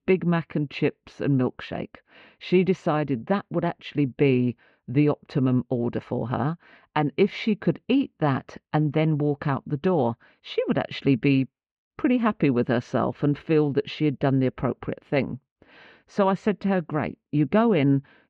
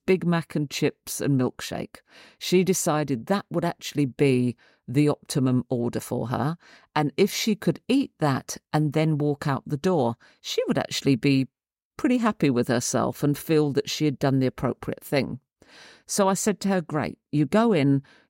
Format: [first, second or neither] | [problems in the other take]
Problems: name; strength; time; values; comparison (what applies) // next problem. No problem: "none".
second | muffled; very; fading above 3 kHz